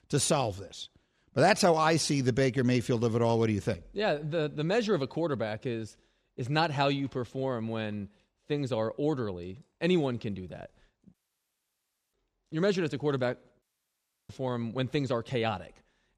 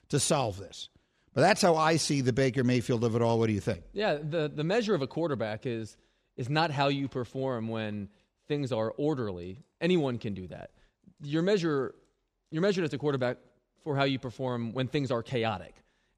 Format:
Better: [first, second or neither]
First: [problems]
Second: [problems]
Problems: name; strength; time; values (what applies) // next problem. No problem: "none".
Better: second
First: audio cutting out; at 11 s for 1 s and at 14 s for 0.5 s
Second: none